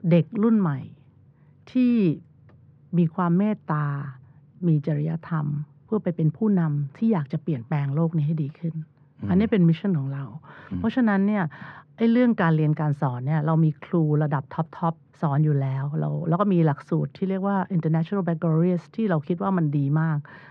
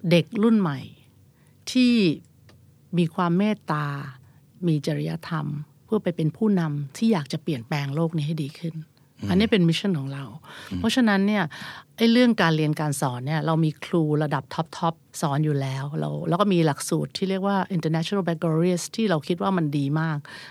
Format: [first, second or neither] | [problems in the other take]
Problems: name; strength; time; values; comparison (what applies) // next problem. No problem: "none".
second | muffled; very; fading above 1.5 kHz